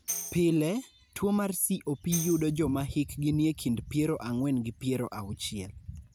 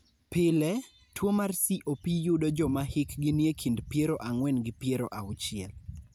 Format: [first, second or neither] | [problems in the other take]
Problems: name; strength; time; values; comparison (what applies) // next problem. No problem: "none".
second | background sound (Tambourine); 11 dB below the speech